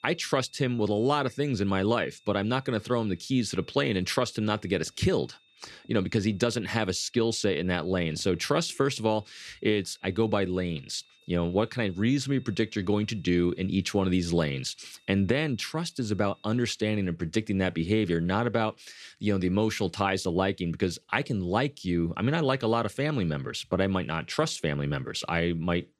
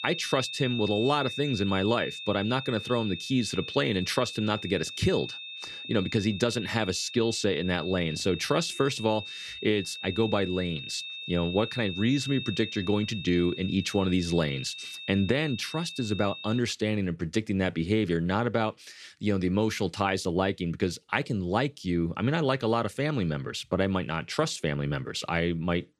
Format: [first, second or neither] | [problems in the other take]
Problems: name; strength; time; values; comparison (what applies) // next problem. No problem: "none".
first | high-pitched whine; loud; until 17 s; 3.5 kHz, 9 dB below the speech; faint in the first